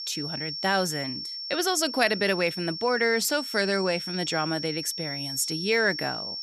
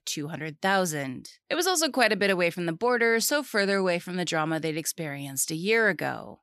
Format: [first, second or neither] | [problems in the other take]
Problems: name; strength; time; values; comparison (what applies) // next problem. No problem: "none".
second | high-pitched whine; loud; throughout; 5.5 kHz, 6 dB below the speech